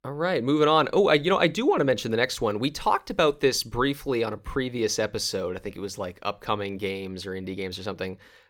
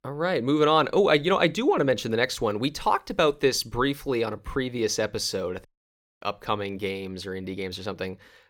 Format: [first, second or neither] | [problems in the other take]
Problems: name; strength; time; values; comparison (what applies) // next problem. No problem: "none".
first | audio cutting out; at 5.5 s for 0.5 s